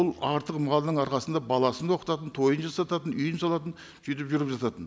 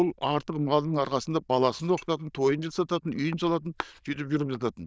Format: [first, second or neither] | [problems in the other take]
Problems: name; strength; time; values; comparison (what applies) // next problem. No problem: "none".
first | noise reduction (neural diffusion model UNIVERSE++)